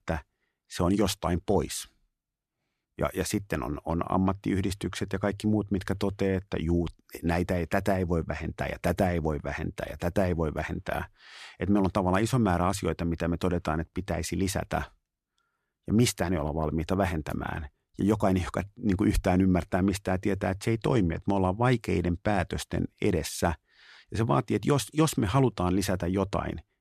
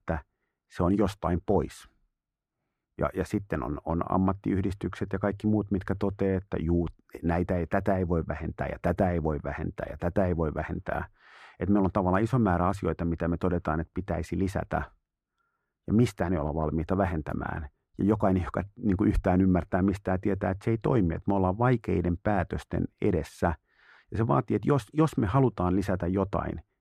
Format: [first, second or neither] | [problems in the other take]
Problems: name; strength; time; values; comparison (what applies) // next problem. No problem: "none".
first | muffled; slightly; fading above 2.5 kHz